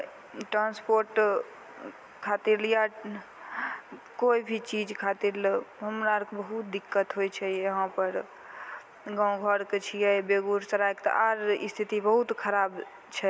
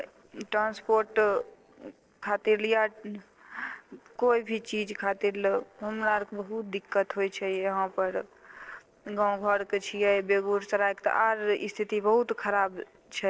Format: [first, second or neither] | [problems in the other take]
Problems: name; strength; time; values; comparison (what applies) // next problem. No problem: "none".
first | noise reduction (neural separator model SepFormer DNS4)